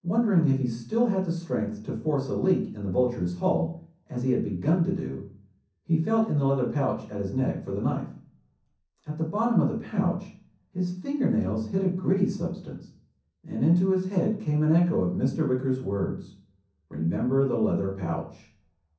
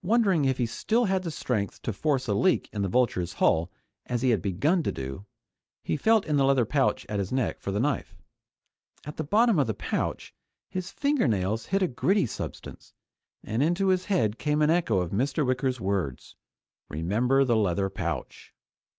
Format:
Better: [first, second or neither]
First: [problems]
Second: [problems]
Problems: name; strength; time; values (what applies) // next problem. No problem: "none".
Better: second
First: room echo; dies away in 0.6 s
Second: none